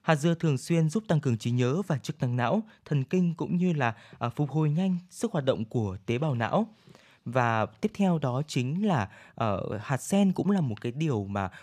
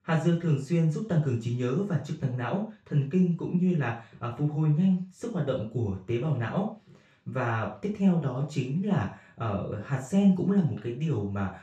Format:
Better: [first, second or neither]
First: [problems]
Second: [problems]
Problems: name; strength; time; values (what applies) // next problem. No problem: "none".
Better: first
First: none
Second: room echo; noticeable; dies away in 0.3 s // off-mic speech; far